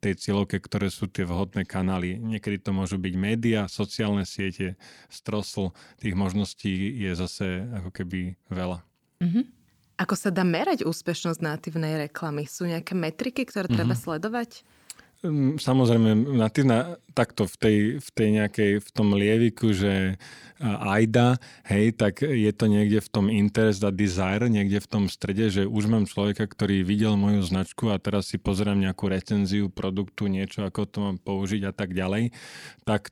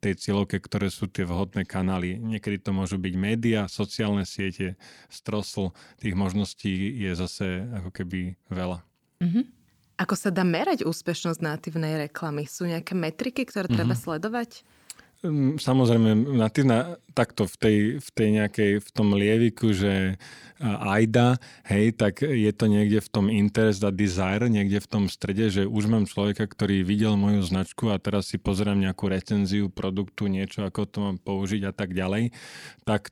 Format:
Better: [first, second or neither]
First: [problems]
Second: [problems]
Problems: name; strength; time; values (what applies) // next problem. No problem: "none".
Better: neither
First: none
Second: none